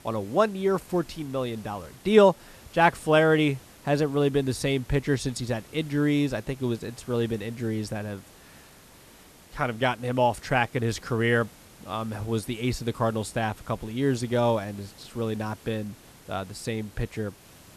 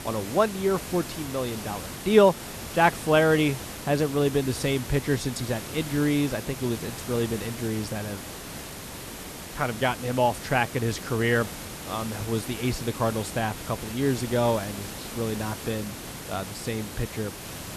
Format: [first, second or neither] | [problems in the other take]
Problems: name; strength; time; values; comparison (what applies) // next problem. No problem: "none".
first | hiss; loud; throughout; 10 dB below the speech; faint in the first